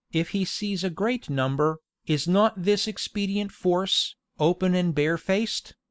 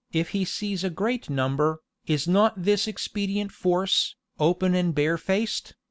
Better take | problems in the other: second | noise reduction (neural mask model Resemble Enhance denoiser)

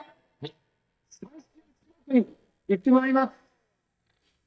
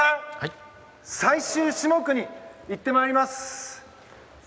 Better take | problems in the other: second | noise reduction (neural mask model DeepFilterNet 3)

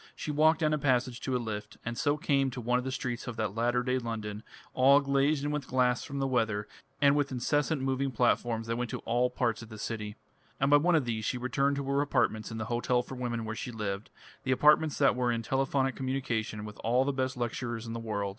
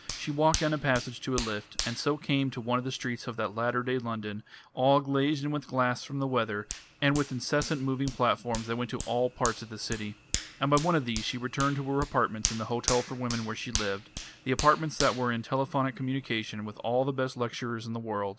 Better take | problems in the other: first | background sound (Hands); 11 dB below the speech

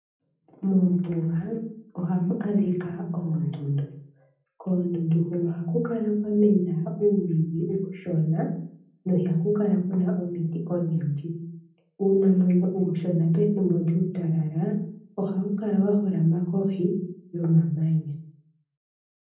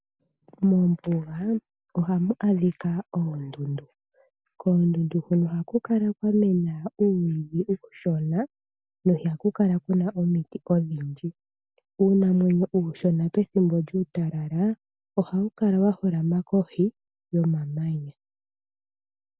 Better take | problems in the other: second | room echo; dies away in 0.6 s

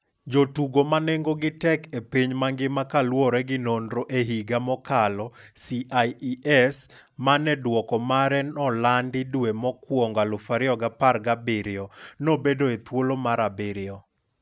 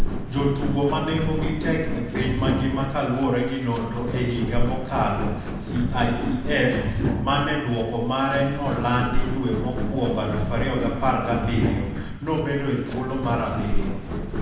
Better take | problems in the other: first | background sound (Walk, footsteps); 1 dB below the speech // room echo; dies away in 1 s

